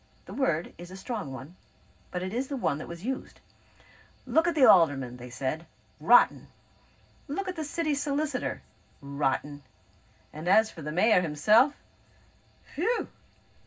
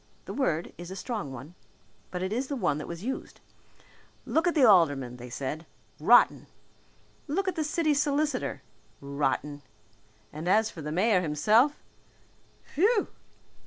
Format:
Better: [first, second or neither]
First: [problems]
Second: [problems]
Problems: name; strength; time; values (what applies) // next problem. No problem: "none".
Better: second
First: room echo; dies away in 0.4 s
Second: none